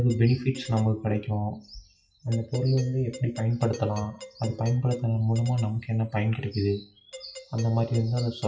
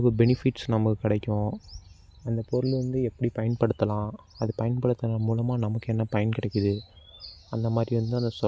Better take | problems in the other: second | noise reduction (classical method WPE with log-MMSE)

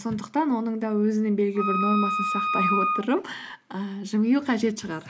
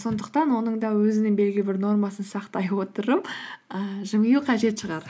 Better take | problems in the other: second | background sound (Wind instrument, woodwind instrument); 1 dB below the speech

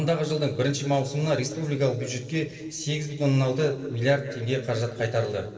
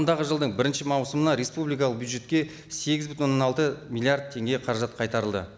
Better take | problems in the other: second | noise reduction (neural separator model SepFormer DNS4)

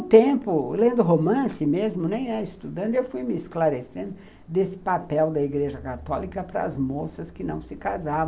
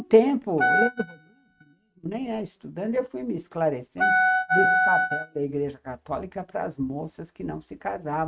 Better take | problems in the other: first | noise reduction (neural mask model RNNoise)

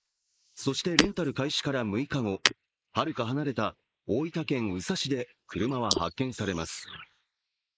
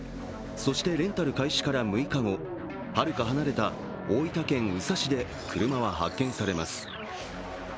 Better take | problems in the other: second | noise reduction (neural mask model Resemble Enhance denoiser)

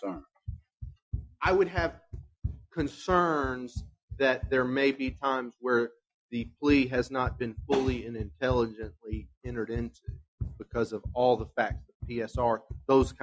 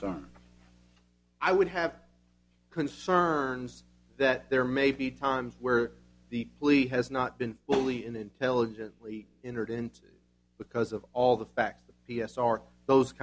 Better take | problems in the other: second | noise reduction (classical method Wiener filter)

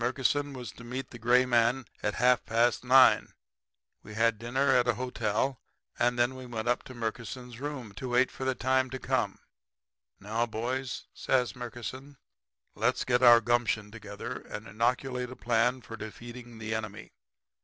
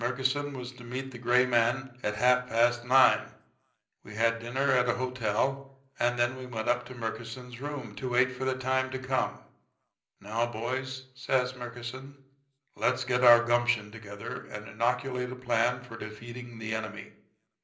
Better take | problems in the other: first | room echo; dies away in 0.5 s

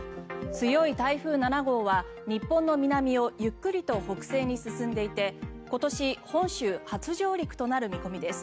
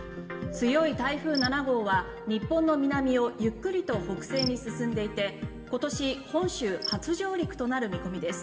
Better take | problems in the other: first | background sound (Cricket); 15 dB below the speech // room echo; dies away in 1.5 s

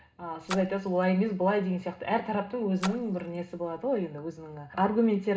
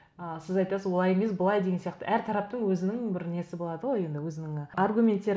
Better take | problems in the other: second | background sound (Splash, splatter); 15 dB below the speech // room echo; dies away in 0.2 s

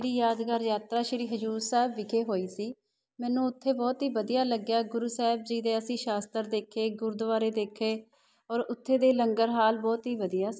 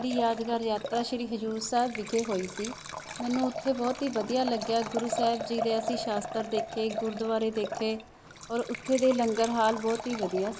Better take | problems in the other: first | background sound (Liquid); 8 dB below the speech

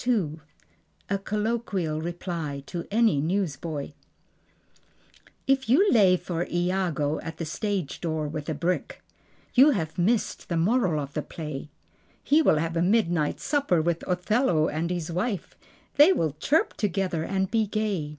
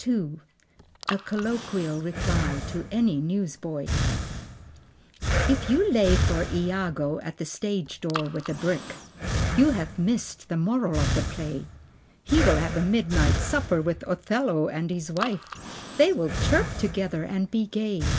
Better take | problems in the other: first | background sound (Breathing); 3 dB below the speech

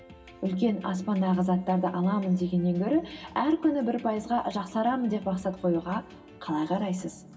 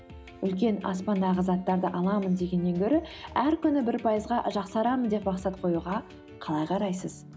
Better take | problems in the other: second | room echo; dies away in 2.2 s

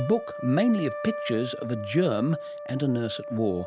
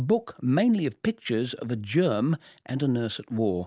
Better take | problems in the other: second | background sound (Trumpet); 9 dB below the speech

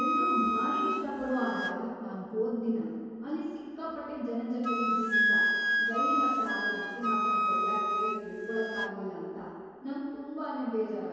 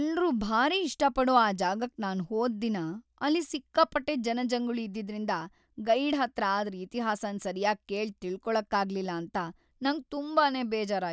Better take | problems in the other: second | background sound (Wind instrument, woodwind instrument); 2 dB above the speech // room echo; dies away in 2.2 s

